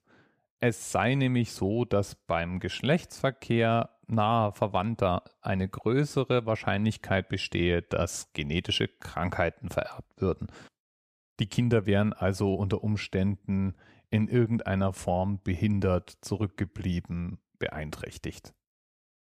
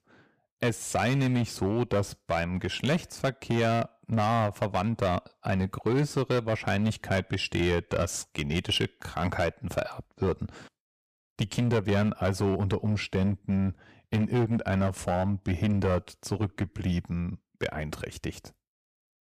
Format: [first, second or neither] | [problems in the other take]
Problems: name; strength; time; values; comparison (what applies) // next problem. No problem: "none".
first | distortion; slight; 8% of the sound clipped